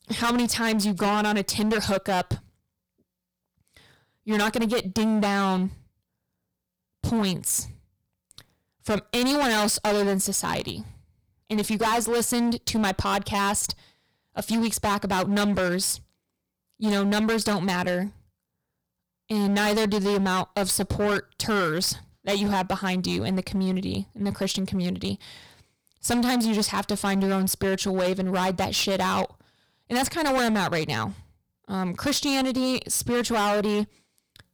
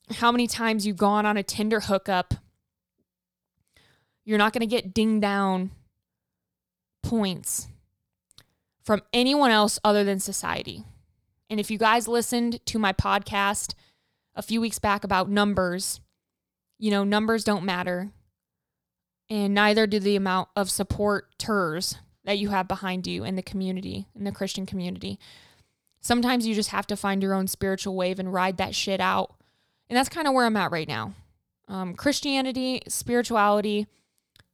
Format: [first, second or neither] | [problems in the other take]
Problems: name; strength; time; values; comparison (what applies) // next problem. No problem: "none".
second | distortion; heavy; 17% of the sound clipped